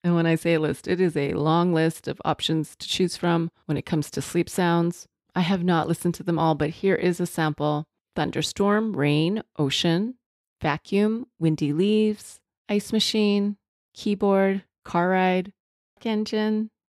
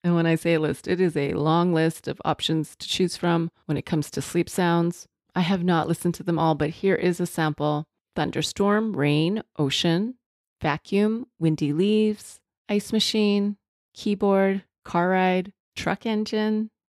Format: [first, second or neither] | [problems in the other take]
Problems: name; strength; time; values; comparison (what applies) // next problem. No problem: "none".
second | audio freezing; at 16 s